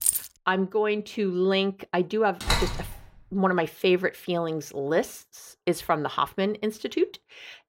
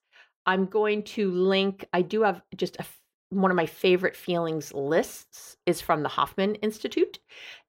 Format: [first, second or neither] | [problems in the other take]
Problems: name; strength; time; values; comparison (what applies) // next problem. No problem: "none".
second | jangling keys; loud; at the start; peak 3 dB above the speech // door banging; loud; at 2.5 s; peak level with the speech